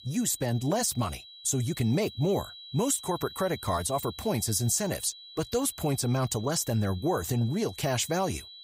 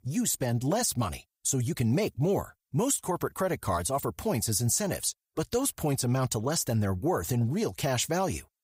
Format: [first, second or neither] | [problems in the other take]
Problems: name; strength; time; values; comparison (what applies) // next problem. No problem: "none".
second | high-pitched whine; noticeable; throughout; 4 kHz, 15 dB below the speech